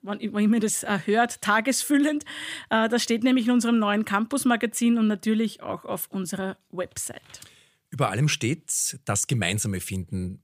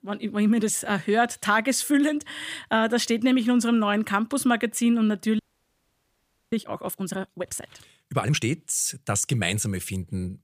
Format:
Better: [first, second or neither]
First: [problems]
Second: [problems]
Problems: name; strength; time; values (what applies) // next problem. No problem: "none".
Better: first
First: none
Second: audio freezing; at 5.5 s for 1 s